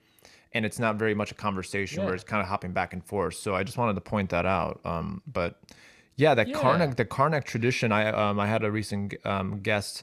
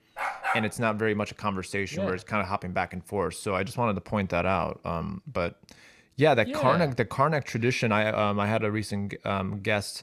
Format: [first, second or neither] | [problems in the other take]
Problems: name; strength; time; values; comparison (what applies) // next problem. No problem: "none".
first | dog barking; noticeable; at the start; peak 2 dB below the speech